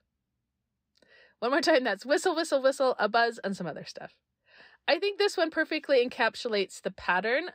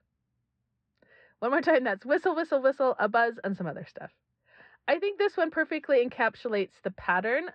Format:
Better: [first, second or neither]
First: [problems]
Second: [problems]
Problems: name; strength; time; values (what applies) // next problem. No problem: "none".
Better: first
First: none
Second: muffled; very; fading above 2 kHz